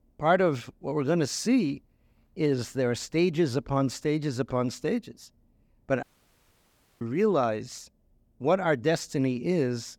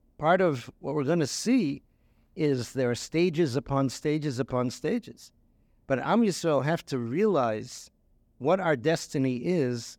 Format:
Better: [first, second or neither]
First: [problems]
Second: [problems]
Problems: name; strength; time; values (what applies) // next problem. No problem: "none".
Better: second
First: audio cutting out; at 6 s for 1 s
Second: none